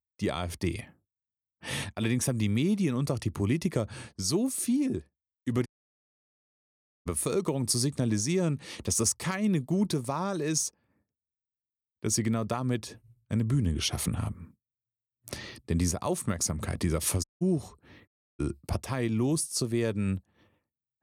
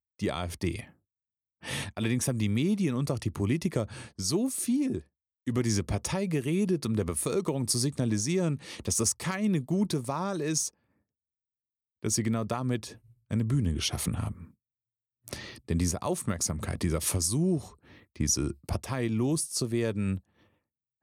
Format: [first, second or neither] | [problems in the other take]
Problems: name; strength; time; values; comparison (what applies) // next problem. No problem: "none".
second | audio cutting out; at 5.5 s for 1.5 s, at 17 s and at 18 s